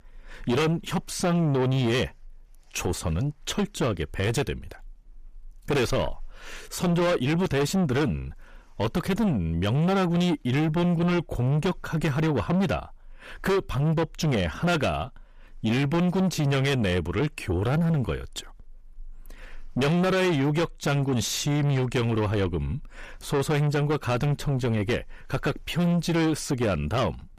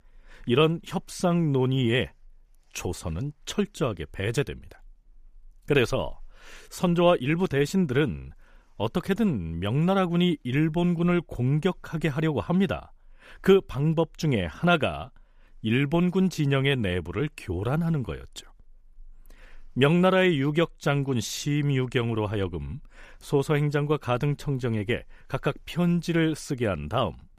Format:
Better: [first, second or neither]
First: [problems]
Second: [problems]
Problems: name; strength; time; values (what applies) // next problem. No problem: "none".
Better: second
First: distortion; heavy; 6 dB below the speech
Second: none